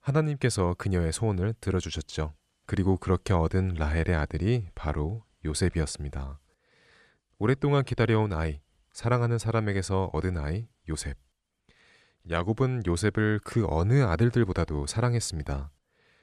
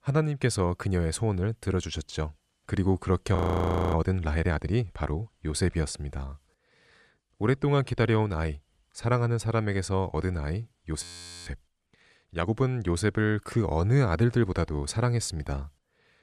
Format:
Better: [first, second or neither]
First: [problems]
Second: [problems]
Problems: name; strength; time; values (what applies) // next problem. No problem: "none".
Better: first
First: none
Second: audio freezing; at 3.5 s for 0.5 s and at 11 s